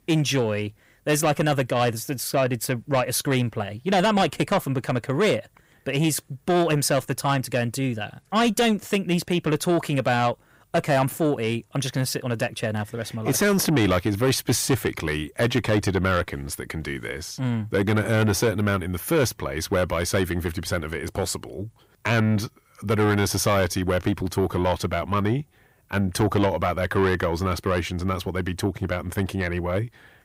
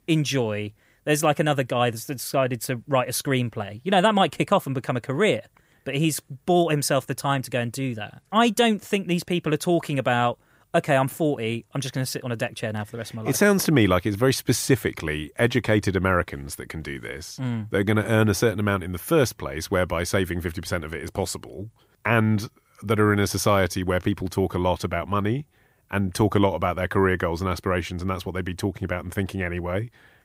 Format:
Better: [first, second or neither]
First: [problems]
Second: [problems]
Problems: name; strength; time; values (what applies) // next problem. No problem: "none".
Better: second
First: distortion; slight; 10 dB below the speech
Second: none